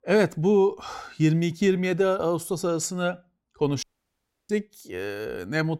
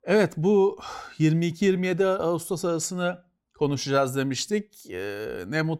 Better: second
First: audio cutting out; at 4 s for 0.5 s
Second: none

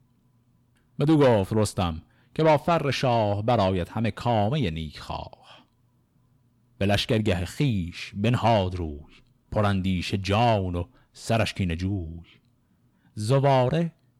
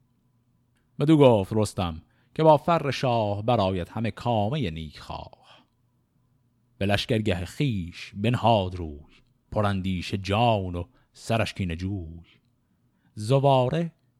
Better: second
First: distortion; slight; 10 dB below the speech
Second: none

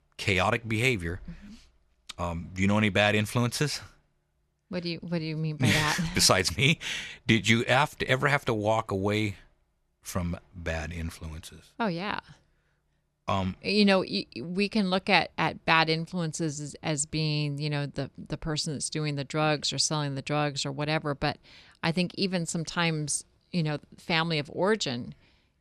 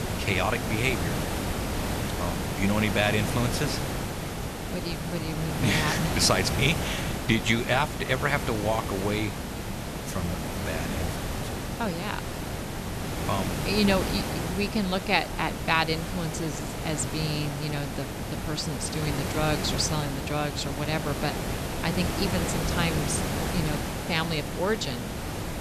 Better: first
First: none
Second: hiss; loud; throughout; 3 dB below the speech

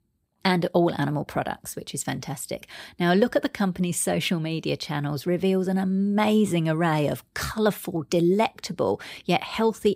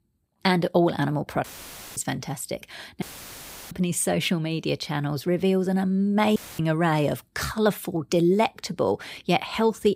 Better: first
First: none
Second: audio cutting out; filled with static; at 1.5 s for 0.5 s, at 3 s for 0.5 s and at 6.5 s

